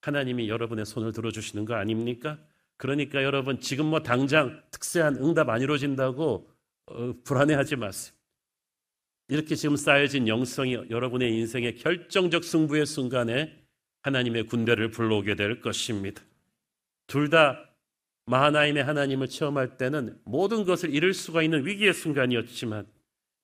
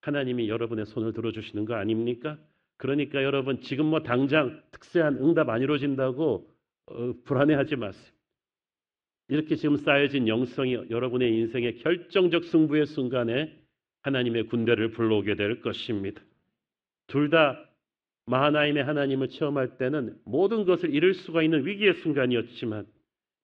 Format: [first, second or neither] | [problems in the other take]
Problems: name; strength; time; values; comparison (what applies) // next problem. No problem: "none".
first | muffled; slightly; fading above 3.5 kHz